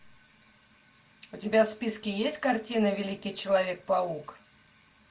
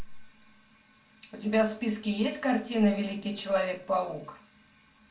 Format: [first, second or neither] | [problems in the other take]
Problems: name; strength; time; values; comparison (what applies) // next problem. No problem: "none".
first | room echo; dies away in 0.4 s